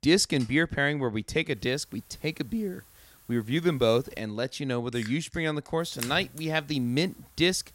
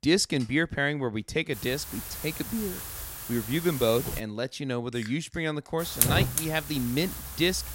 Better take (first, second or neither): first